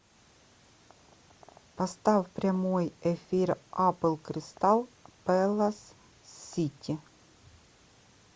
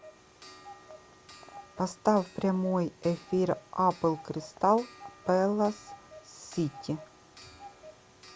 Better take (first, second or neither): first